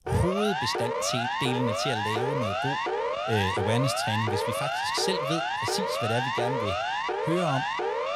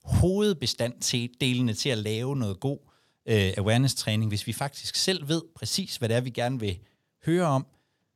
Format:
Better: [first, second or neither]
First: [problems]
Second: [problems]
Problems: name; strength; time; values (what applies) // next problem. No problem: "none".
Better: second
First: siren; loud; peak 2 dB above the speech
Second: none